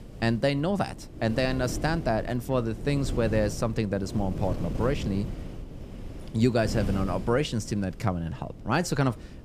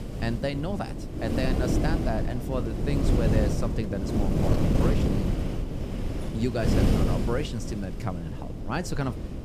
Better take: first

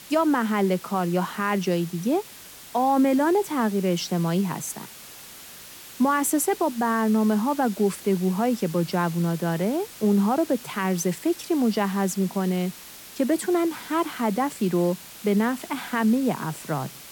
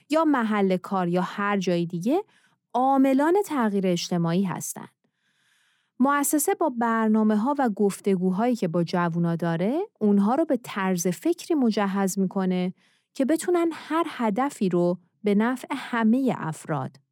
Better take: second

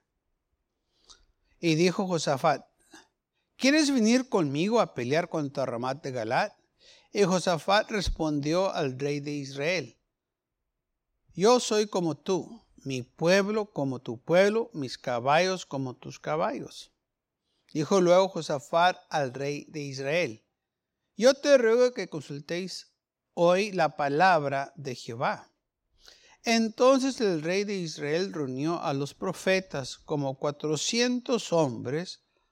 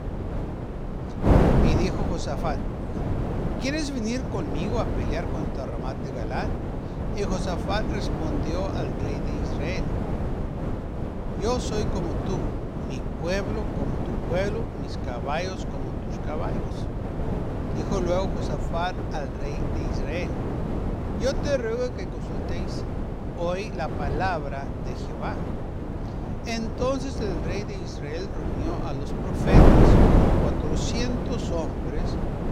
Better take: first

